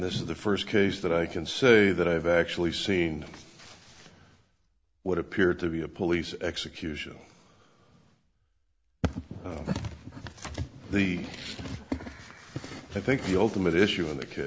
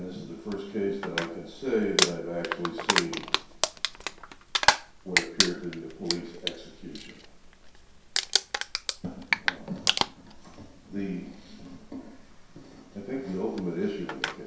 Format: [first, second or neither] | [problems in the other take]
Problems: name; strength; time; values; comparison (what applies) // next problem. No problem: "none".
first | background sound (Crumpling, crinkling); 3 dB above the speech // room echo; dies away in 0.7 s